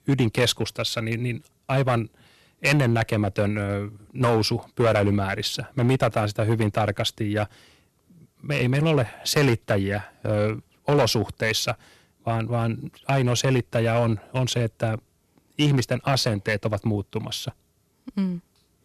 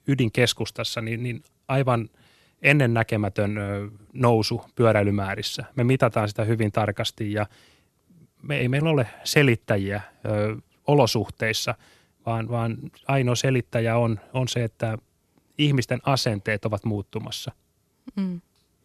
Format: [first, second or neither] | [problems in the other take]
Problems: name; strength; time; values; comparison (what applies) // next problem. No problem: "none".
second | distortion; slight; 4% of the sound clipped